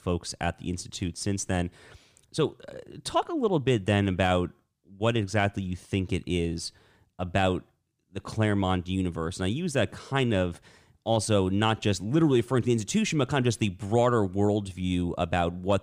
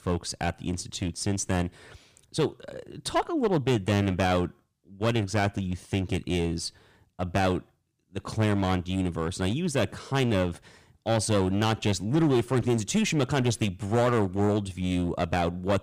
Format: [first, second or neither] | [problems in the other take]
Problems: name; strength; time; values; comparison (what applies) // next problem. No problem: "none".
first | distortion; slight; 8% of the sound clipped